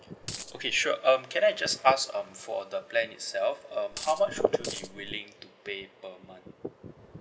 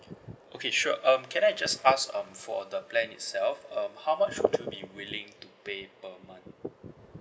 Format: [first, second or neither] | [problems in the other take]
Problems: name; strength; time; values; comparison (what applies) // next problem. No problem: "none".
second | background sound (Coin (dropping)); 11 dB below the speech